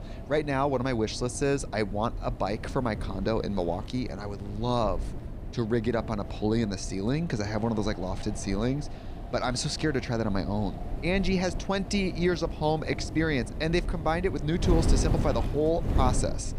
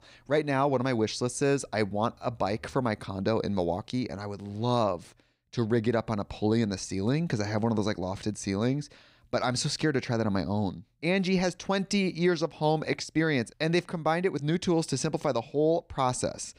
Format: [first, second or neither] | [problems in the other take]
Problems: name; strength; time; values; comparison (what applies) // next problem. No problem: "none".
second | wind noise on the microphone; occasional gusts; 15 dB below the speech